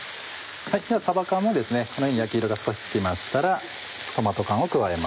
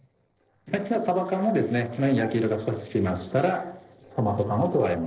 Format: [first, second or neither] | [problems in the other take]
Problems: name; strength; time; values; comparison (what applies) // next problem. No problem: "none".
first | noise reduction (neural separator model SepFormer DNS4)